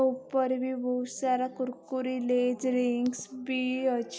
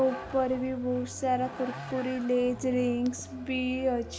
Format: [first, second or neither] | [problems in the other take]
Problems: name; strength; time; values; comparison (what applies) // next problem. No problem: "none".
first | background sound (Vehicle); 13 dB below the speech